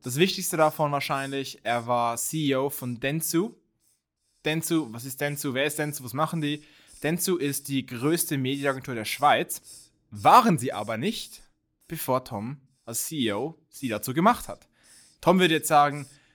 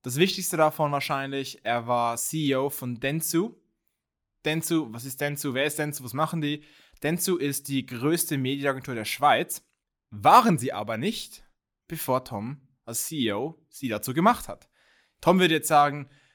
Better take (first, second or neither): second